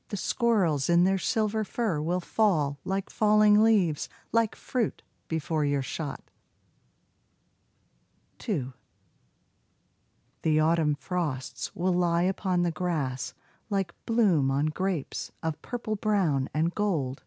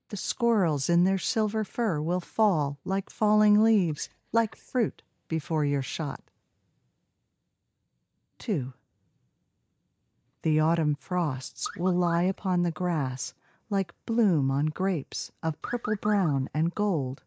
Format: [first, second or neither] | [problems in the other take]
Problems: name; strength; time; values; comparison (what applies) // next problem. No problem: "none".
first | noise reduction (neural mask model DeepFilterNet 3)